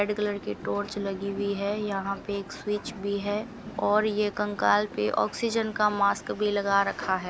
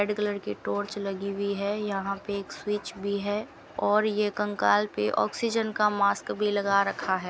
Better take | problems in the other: second | background sound (Train); 17 dB below the speech

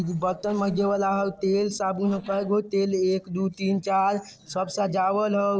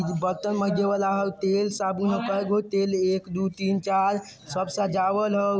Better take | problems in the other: second | noise reduction (neural separator model SepFormer DNS4)

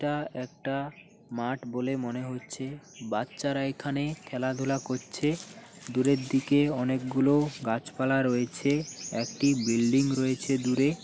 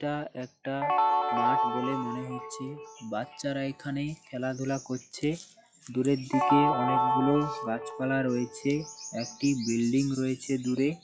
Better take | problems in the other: first | noise reduction (classical method log-MMSE)

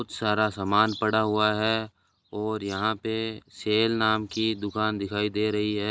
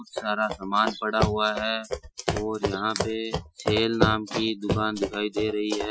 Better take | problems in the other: first | noise reduction (classical method Wiener filter)

